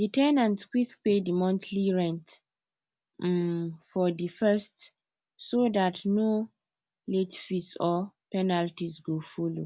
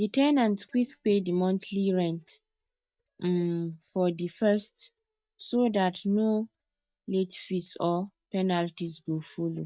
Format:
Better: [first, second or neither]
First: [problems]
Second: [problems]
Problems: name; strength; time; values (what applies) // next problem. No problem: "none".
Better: first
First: none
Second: noise reduction (neural mask model DeepFilterNet 3)